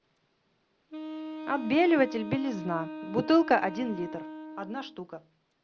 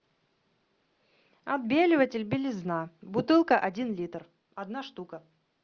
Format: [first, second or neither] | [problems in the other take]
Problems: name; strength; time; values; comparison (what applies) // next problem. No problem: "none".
second | background sound (Wind instrument, woodwind instrument); 11 dB below the speech